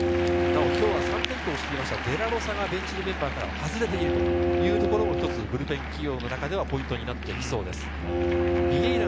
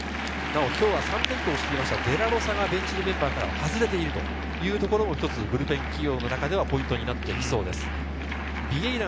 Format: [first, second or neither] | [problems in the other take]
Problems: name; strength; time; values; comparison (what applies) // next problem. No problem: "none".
second | background sound (Bowed string instrument); 1 dB above the speech